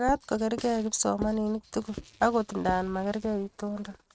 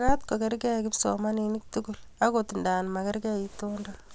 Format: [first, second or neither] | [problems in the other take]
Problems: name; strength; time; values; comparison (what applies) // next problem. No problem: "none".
second | noise reduction (neural mask model RNNoise)